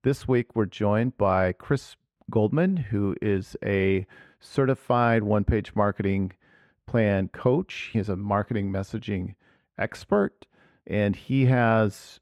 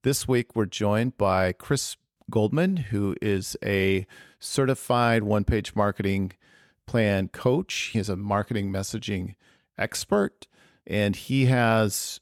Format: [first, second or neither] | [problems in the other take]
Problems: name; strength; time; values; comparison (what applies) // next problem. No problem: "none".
second | muffled; slightly; fading above 3.5 kHz